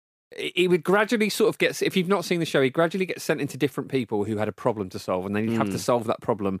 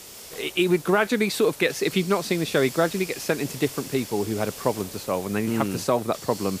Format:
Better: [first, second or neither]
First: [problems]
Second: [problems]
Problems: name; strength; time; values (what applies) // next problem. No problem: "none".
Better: first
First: none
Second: hiss; noticeable; throughout; 15 dB below the speech